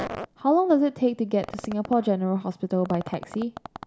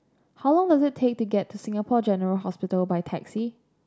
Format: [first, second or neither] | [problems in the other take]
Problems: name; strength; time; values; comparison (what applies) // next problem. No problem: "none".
second | background sound (Fart); 15 dB below the speech